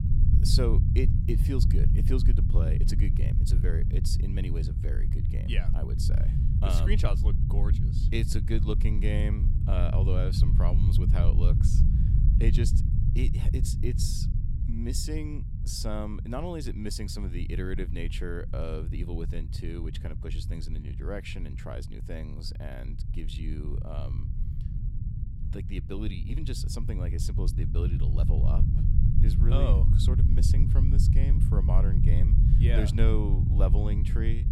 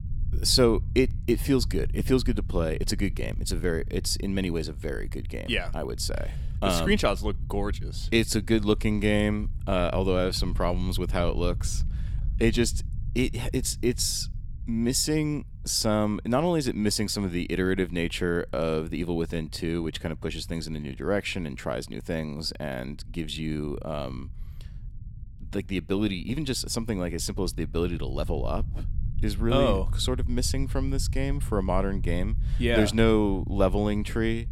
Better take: second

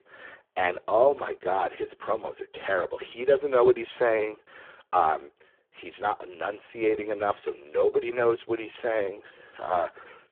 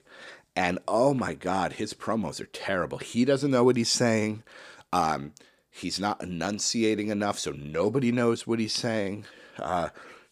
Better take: second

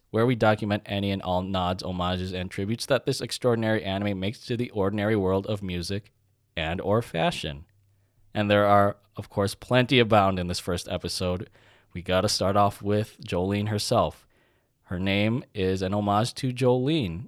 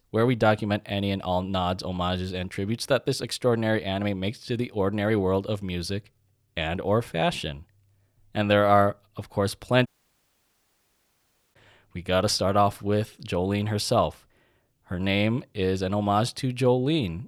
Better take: first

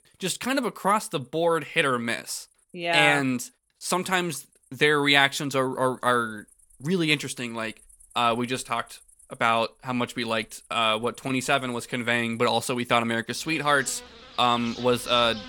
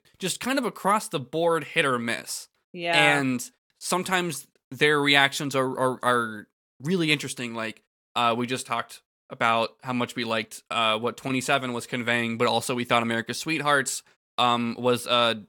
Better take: second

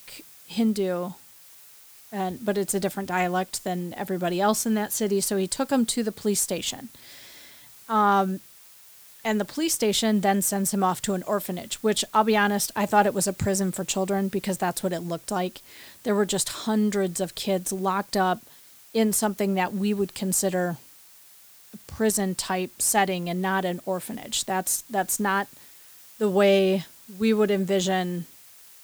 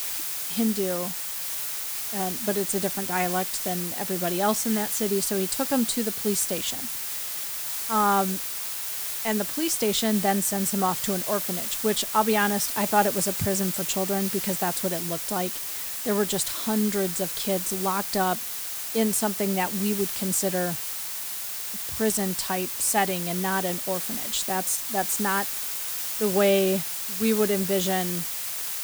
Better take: first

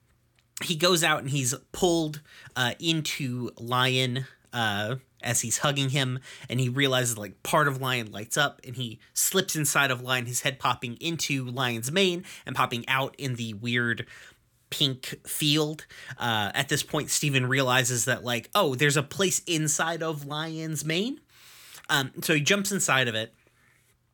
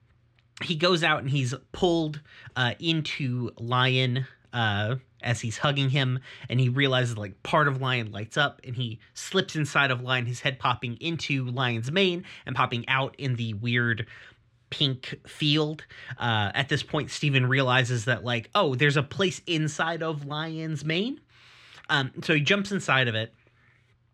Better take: first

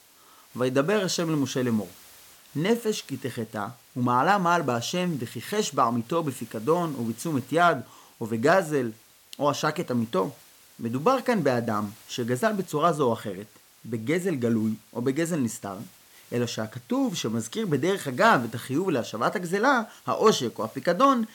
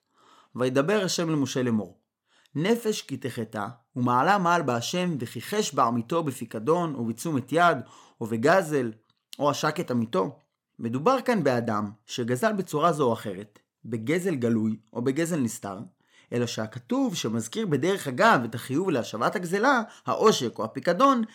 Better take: second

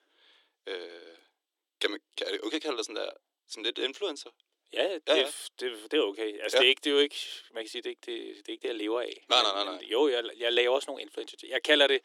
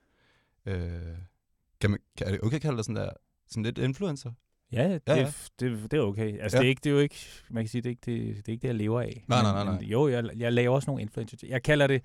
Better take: second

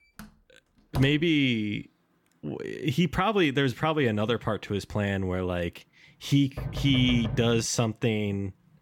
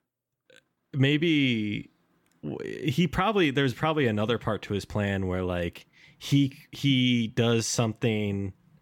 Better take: second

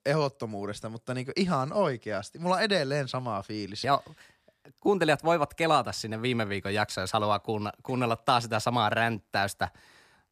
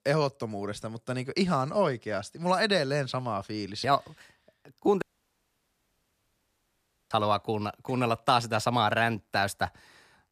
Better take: first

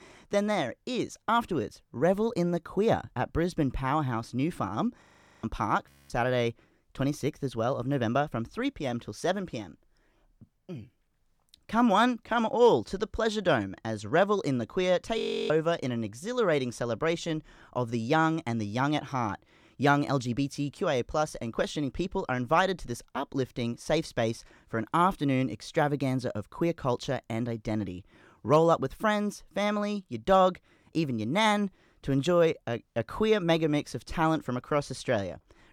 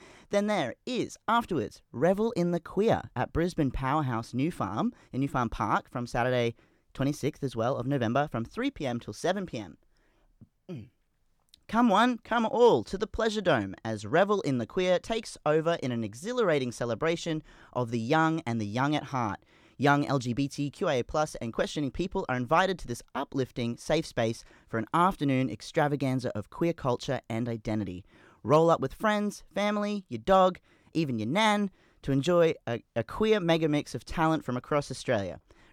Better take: second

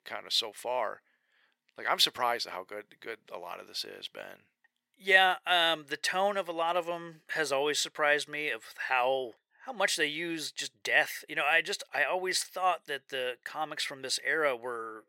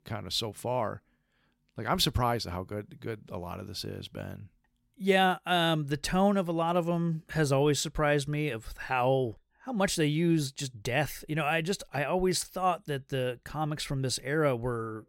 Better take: second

